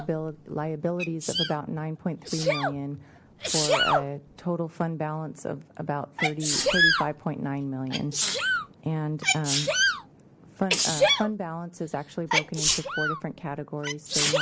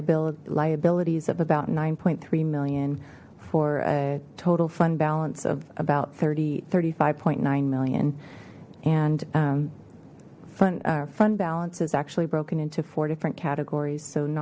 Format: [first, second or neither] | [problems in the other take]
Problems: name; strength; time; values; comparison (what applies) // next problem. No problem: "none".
second | background sound (Sneeze); 3 dB above the speech